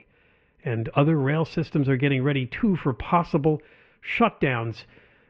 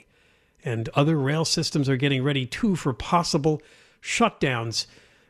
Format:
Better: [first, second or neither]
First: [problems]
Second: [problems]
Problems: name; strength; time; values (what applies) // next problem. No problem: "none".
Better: second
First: muffled; very; fading above 2.5 kHz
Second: none